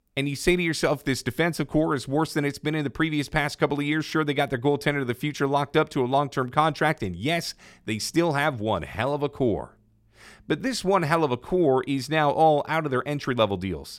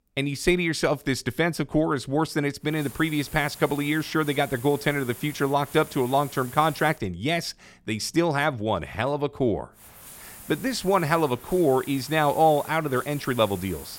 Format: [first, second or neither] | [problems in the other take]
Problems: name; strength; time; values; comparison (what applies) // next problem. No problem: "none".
first | hiss; noticeable; from 2.5 to 7 s and from 10 s on; 15 dB below the speech